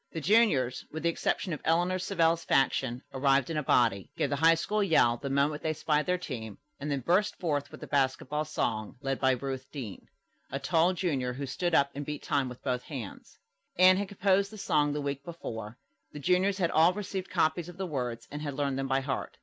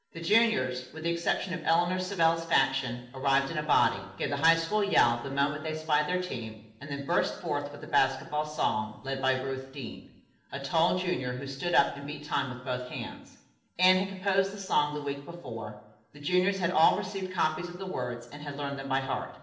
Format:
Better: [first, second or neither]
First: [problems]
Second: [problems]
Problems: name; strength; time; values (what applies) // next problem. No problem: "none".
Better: first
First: none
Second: room echo; dies away in 0.8 s